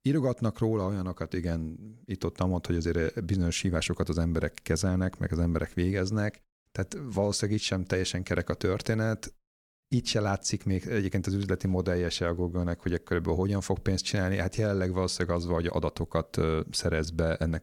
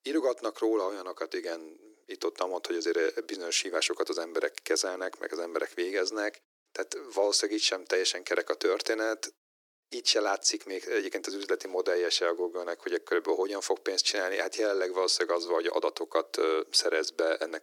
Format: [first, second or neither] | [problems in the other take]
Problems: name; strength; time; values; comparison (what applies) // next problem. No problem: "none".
first | thin; very; fading below 300 Hz